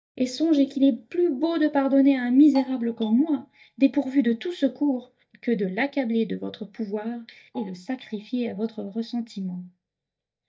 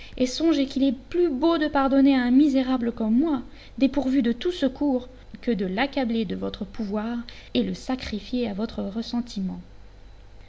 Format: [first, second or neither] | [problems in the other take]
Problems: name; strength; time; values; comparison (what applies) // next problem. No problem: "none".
second | noise reduction (neural mask model DeepFilterNet 3)